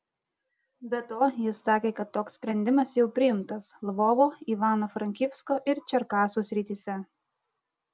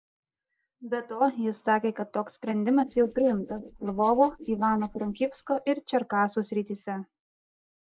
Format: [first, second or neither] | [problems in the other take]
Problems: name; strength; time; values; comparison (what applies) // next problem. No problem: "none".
first | noise reduction (neural mask model Resemble Enhance denoiser)